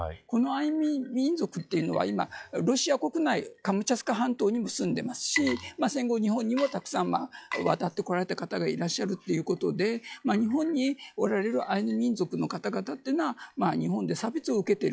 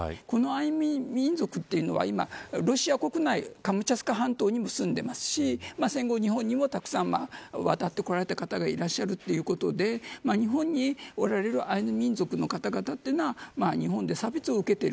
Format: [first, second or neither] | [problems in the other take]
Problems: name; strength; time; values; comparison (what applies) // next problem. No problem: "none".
second | noise reduction (classical method log-MMSE)